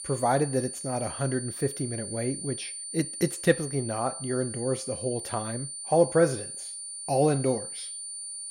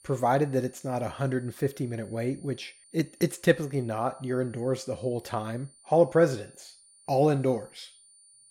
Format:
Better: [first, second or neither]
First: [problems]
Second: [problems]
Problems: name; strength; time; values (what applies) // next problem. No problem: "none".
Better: second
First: high-pitched whine; loud; throughout; 9 kHz, 7 dB below the speech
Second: high-pitched whine; faint; throughout; 9 kHz, 25 dB below the speech